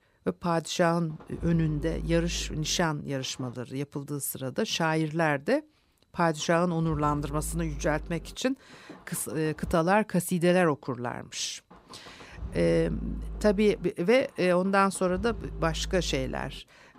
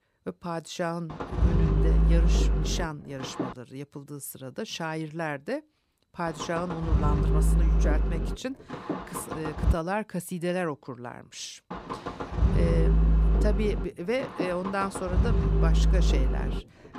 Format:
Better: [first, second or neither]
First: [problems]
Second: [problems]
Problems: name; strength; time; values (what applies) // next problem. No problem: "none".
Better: first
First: low rumble; faint; from 1 to 3.5 s, from 6.5 to 9.5 s and from 12 s on; 25 dB below the speech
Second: low rumble; loud; from 1 to 3.5 s, from 6.5 to 9.5 s and from 12 s on; 3 dB below the speech